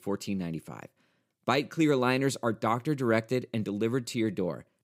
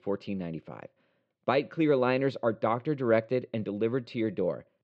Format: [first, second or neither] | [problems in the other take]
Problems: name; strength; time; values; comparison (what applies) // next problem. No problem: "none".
first | muffled; slightly; fading above 4 kHz